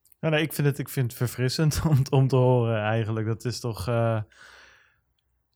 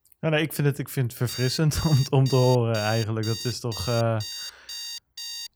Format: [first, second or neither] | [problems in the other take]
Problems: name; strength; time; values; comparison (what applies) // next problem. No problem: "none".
first | alarm; noticeable; from 1.5 s on; peak 9 dB below the speech